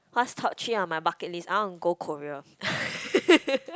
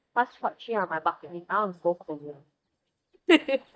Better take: first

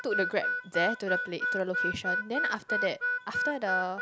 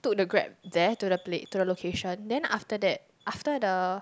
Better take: second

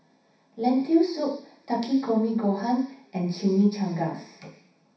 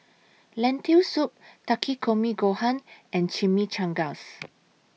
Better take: second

